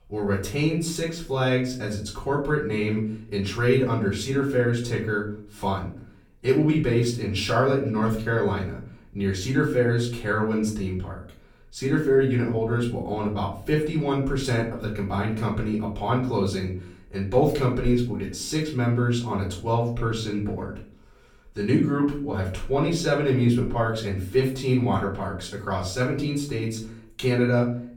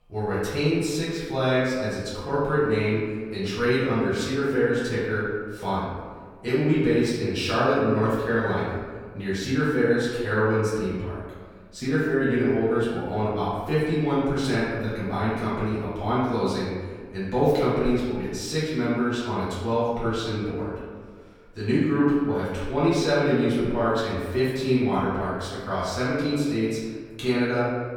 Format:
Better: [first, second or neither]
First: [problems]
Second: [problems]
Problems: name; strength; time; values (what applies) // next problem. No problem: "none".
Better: first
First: room echo; slight; dies away in 0.4 s // off-mic speech; far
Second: room echo; strong; dies away in 1.5 s // off-mic speech; far